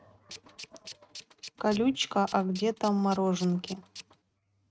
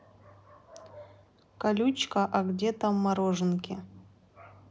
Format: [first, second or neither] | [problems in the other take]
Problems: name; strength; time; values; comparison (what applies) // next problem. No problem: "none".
second | noise reduction (neural mask model RNNoise)